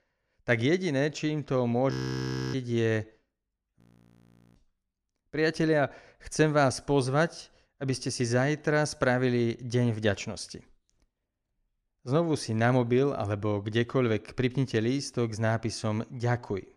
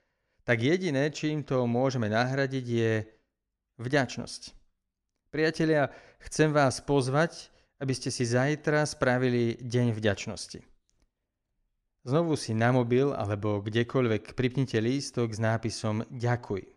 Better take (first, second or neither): second